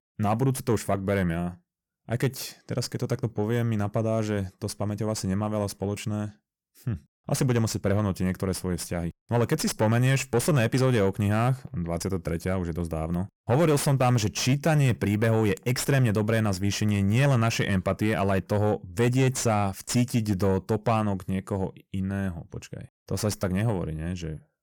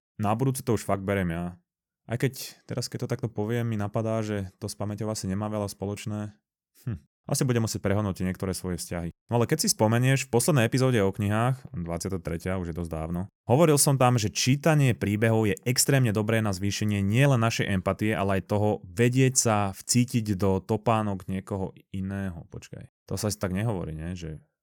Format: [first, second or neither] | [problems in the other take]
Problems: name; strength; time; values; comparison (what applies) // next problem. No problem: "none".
second | distortion; slight; 10 dB below the speech